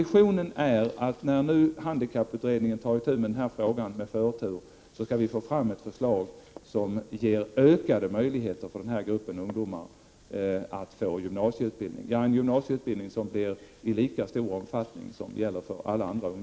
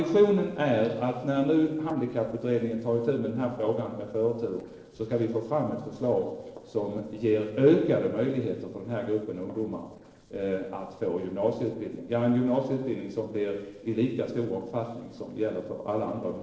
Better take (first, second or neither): first